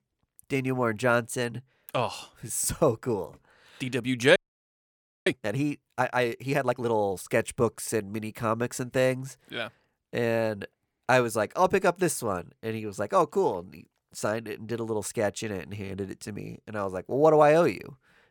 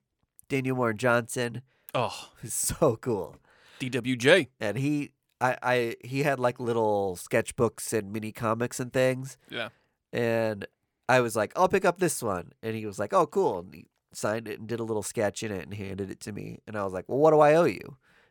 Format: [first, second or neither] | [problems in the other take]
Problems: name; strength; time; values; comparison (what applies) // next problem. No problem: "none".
second | audio freezing; at 4.5 s for 1 s